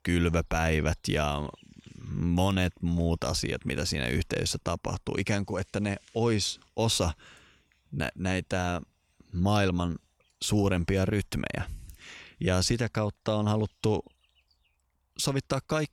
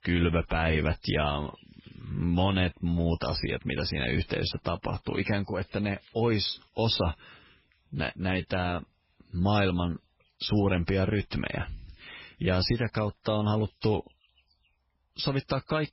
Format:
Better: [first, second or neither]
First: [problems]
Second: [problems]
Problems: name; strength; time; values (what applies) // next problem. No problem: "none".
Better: first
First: none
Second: garbled, watery; badly; nothing above 5.5 kHz